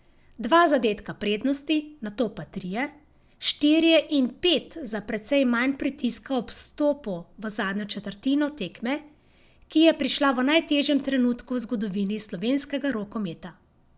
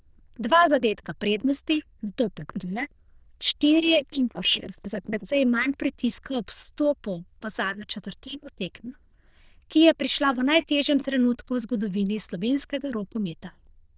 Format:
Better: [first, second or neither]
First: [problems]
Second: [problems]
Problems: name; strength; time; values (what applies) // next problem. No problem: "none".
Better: first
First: none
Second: noise reduction (neural diffusion model UNIVERSE++)